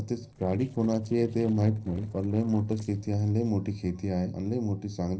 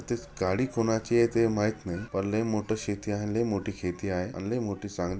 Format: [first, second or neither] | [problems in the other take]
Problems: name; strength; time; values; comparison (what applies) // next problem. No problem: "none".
second | noise reduction (neural separator model SepFormer DNS4)